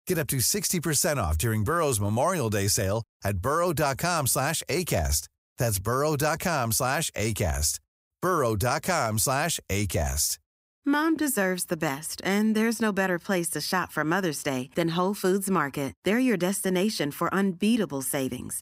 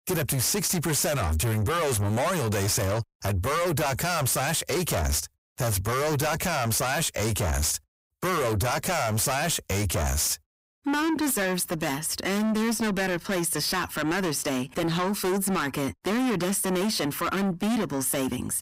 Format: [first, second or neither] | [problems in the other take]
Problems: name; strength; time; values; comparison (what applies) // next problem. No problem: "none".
first | distortion; heavy; 6 dB below the speech